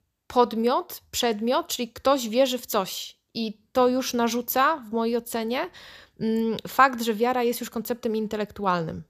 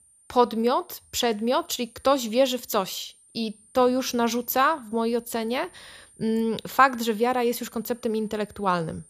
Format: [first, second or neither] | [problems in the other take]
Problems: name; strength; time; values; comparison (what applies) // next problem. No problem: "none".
first | high-pitched whine; faint; throughout; 9 kHz, 30 dB below the speech